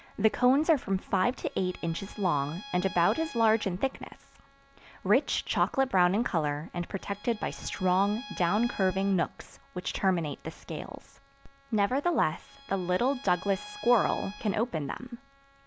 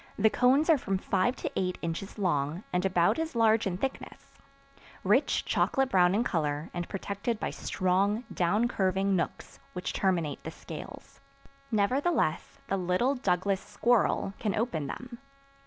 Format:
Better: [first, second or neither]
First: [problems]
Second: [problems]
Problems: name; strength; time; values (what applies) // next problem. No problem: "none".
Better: second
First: background sound (Bowed string instrument); 17 dB below the speech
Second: none